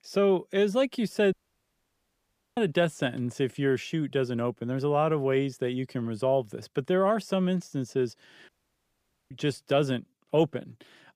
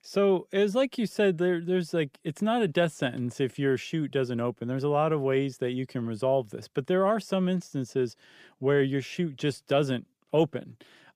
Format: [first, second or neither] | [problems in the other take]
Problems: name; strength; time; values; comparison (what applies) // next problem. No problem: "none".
second | audio cutting out; at 1.5 s for 1 s and at 8.5 s for 1 s